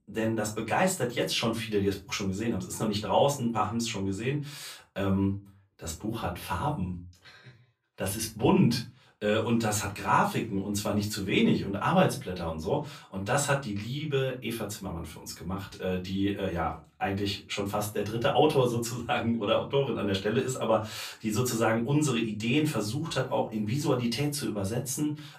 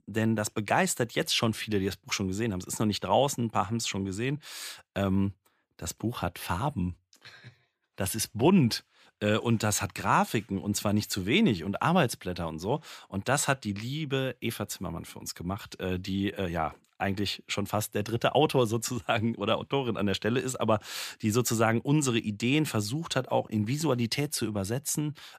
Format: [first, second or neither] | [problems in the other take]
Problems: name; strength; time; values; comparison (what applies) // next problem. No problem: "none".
second | off-mic speech; far // room echo; very slight; dies away in 0.2 s